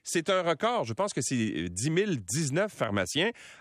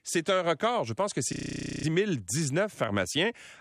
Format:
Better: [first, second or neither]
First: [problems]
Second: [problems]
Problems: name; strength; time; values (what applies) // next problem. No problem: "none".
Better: first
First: none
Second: audio freezing; at 1.5 s for 0.5 s